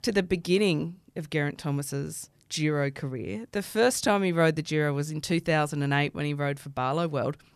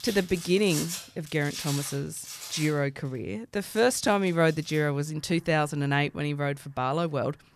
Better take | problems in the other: first | household noises; noticeable; throughout; 10 dB below the speech

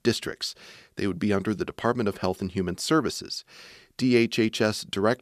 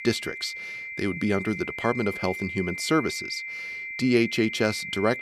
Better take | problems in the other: first | high-pitched whine; loud; throughout; 2 kHz, 6 dB below the speech

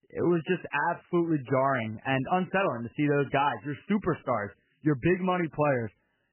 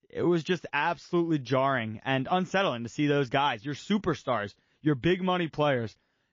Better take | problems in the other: second | garbled, watery; badly; nothing above 3 kHz; slightly in the second

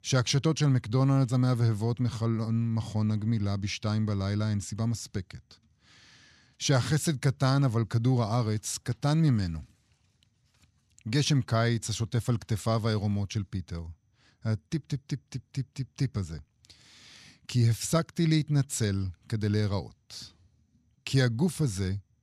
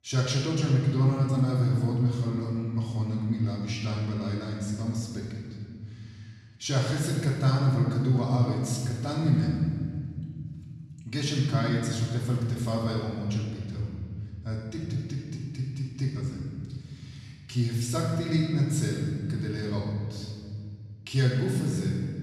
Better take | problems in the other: first | off-mic speech; far // room echo; noticeable; dies away in 2.1 s

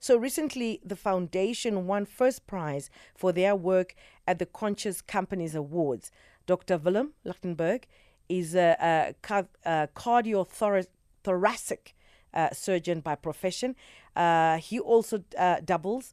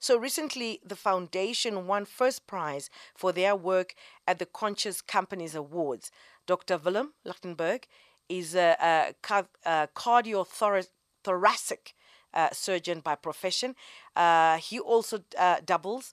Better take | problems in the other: first | thin; somewhat; fading below 500 Hz

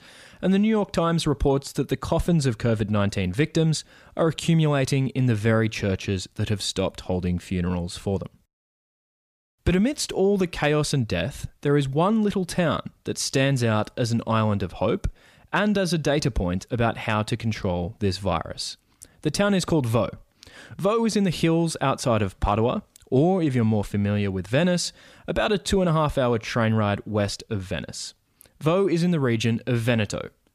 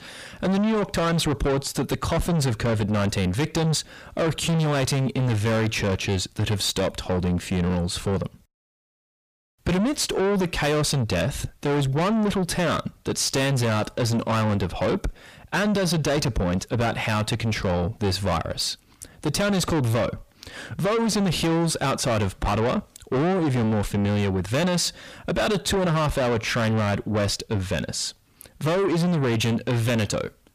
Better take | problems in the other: first | distortion; heavy; 7 dB below the speech

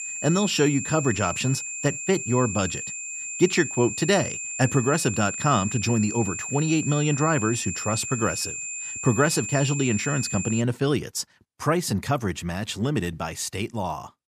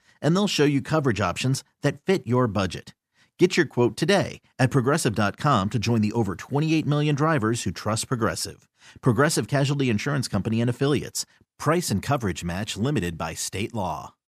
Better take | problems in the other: second | high-pitched whine; loud; until 11 s; 7.5 kHz, 5 dB below the speech

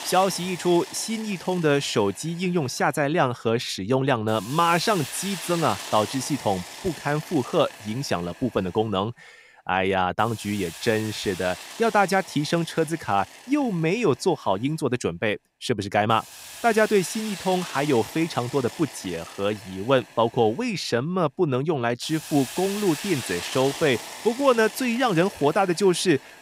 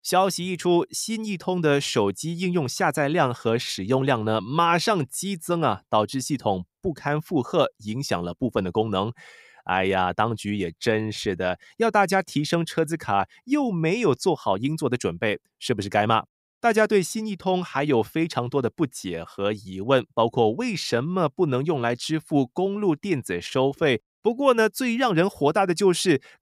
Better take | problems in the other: second | hiss; noticeable; throughout; 15 dB below the speech

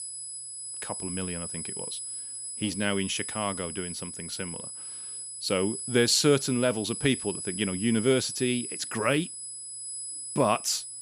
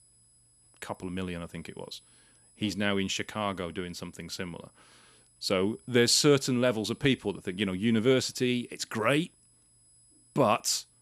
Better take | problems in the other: second | high-pitched whine; loud; throughout; 10 kHz, 7 dB below the speech; faint in the second

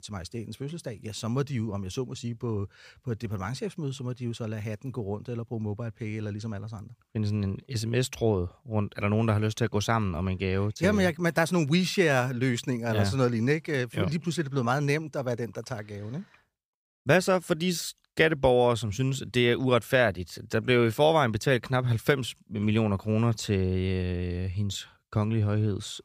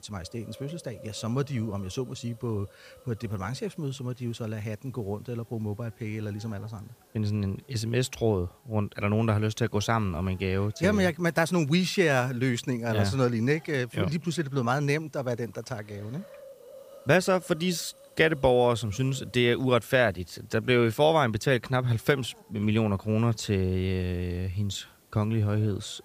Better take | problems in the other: first | hiss; faint; throughout; 25 dB below the speech

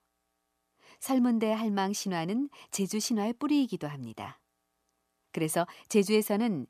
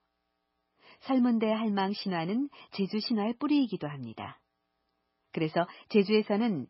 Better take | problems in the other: first | garbled, watery; badly; nothing above 5 kHz

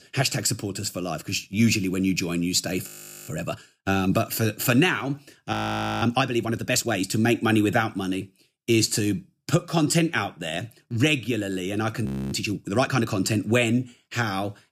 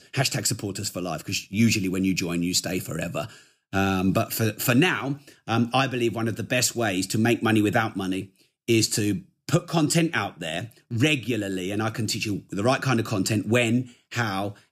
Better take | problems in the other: second | audio freezing; at 3 s, at 5.5 s and at 12 s

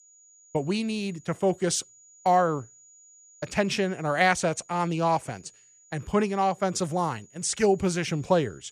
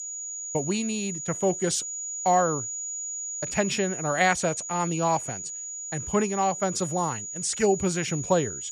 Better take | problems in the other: first | high-pitched whine; loud; throughout; 7 kHz, 6 dB below the speech; faint in the first

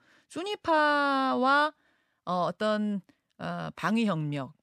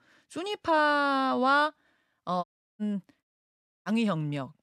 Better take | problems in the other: first | audio cutting out; at 2.5 s and at 3 s for 0.5 s

